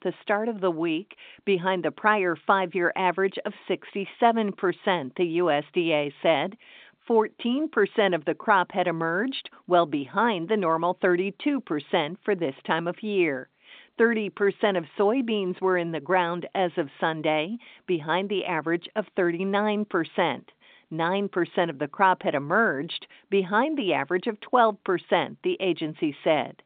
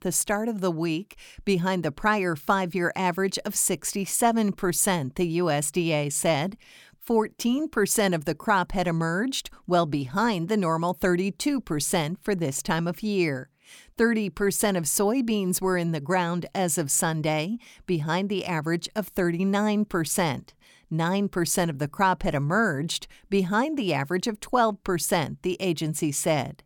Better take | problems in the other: second | phone-call audio; nothing above 3.5 kHz

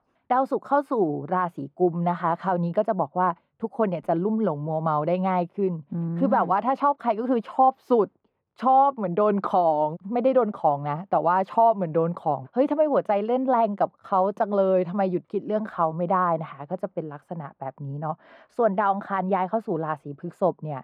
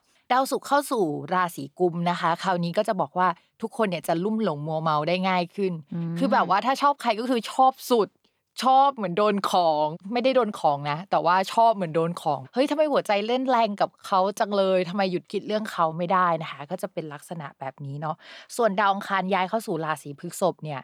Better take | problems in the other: second | muffled; very; fading above 2.5 kHz

